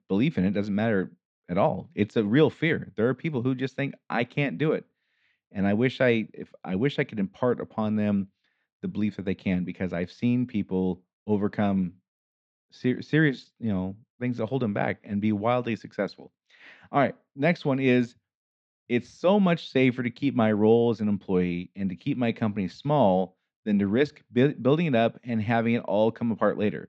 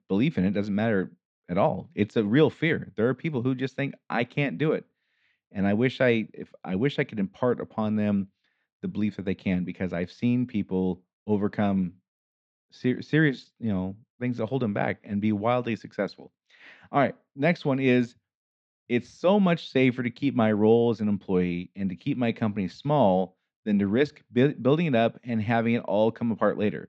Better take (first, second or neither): neither